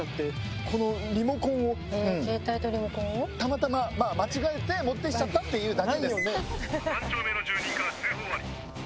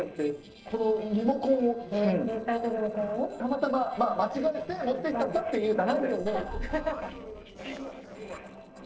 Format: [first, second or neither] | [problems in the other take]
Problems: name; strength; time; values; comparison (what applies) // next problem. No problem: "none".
first | noise reduction (neural separator model SepFormer DNS4)